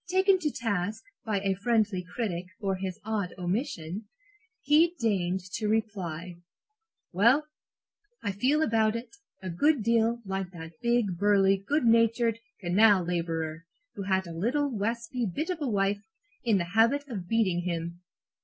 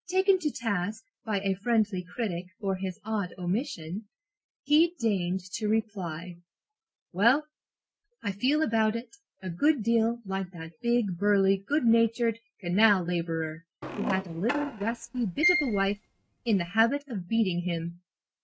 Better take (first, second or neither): first